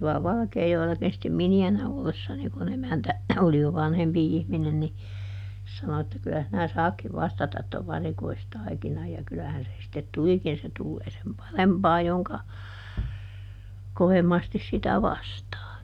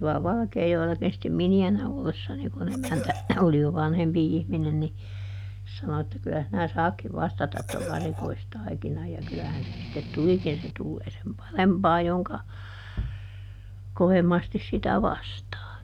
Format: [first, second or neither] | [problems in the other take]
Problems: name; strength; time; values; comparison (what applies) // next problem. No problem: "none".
first | background sound (Strum + Cough); 12 dB below the speech